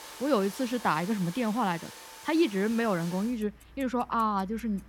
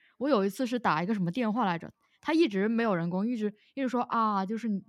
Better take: second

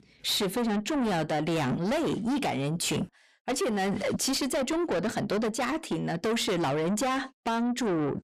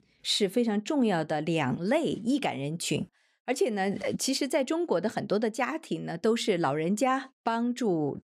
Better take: second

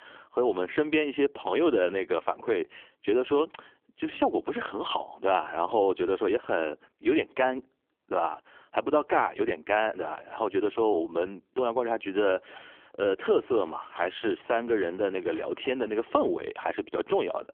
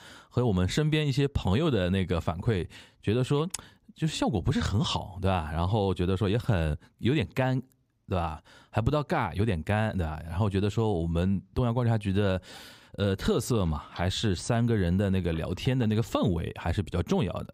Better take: second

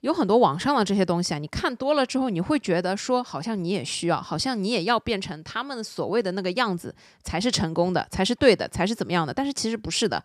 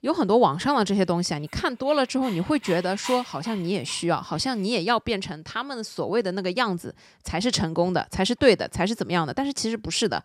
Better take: first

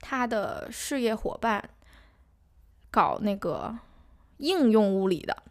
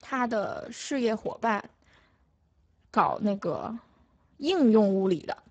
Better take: first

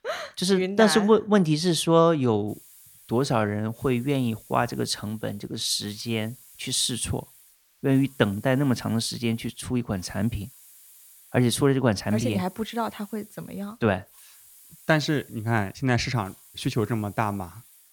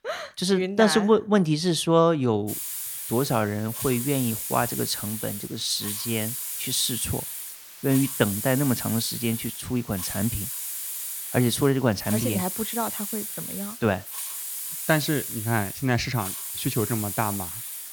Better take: first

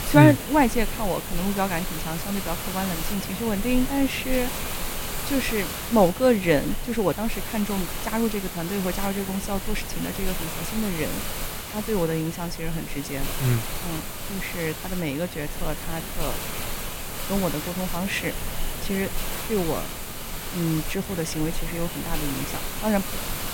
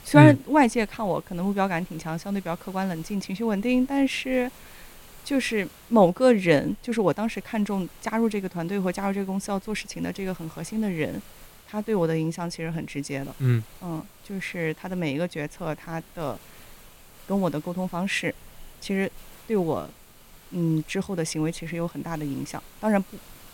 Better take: second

